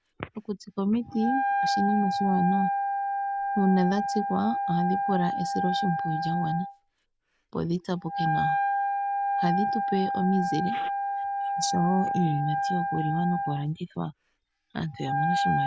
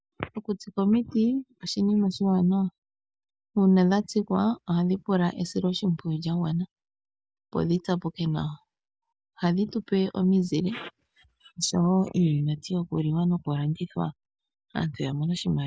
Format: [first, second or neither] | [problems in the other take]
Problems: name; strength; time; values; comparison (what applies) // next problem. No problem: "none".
second | background sound (Wind instrument, woodwind instrument); as loud as the speech